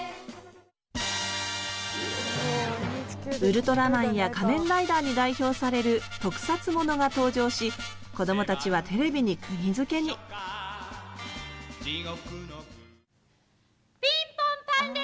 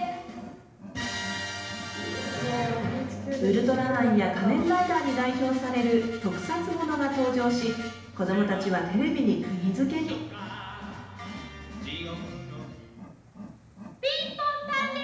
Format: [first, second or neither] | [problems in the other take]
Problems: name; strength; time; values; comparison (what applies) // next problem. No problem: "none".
first | background sound (Wild animals); 18 dB below the speech // room echo; dies away in 0.8 s